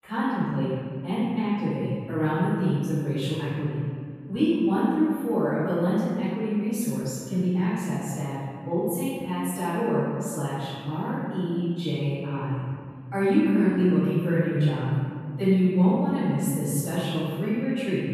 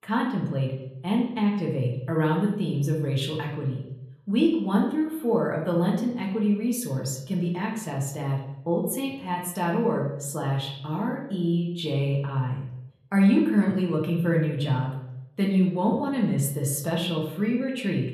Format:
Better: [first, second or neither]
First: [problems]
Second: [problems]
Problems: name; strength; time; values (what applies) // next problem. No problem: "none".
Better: second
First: room echo; strong; dies away in 1.9 s // off-mic speech; far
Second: room echo; slight; dies away in 0.7 s // off-mic speech; far